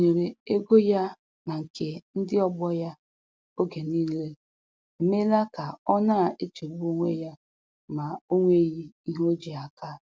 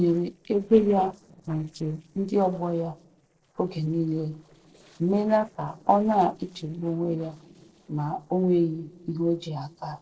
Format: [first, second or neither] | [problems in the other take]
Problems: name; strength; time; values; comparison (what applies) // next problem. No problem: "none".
first | noise reduction (neural separator model SepFormer DNS4)